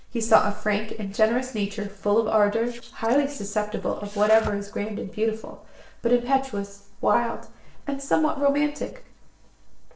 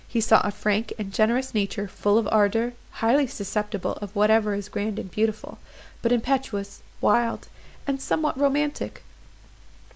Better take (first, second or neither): second